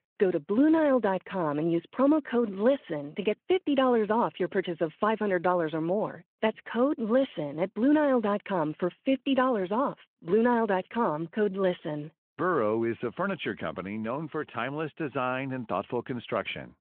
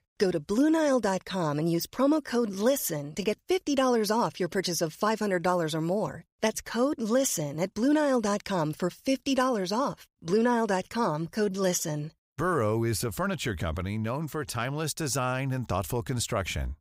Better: second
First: phone-call audio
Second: none

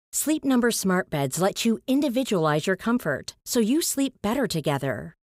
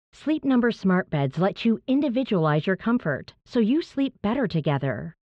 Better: first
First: none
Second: muffled; very; fading above 3.5 kHz

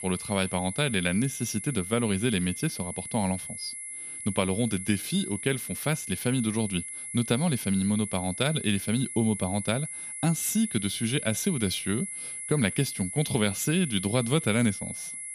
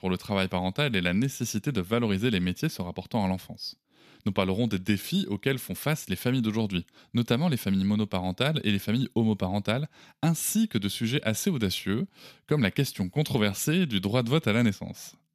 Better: second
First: high-pitched whine; loud; throughout; 11 kHz, 7 dB below the speech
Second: none

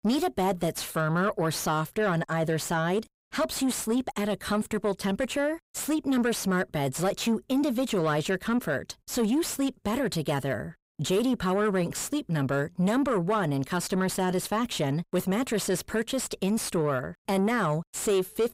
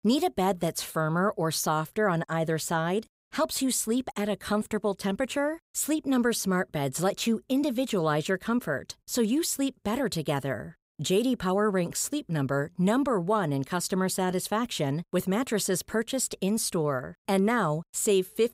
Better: second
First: distortion; slight; 10 dB below the speech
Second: none

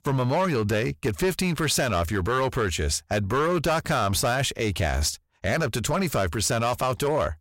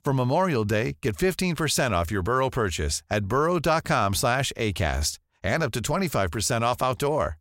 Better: second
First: distortion; slight; 10% of the sound clipped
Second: none

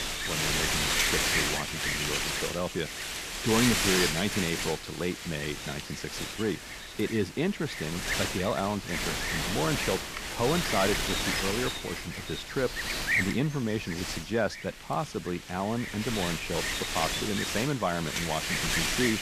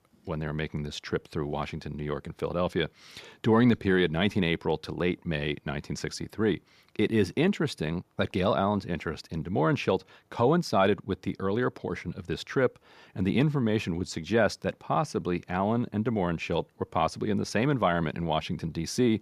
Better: second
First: wind noise on the microphone; heavy; 4 dB above the speech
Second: none

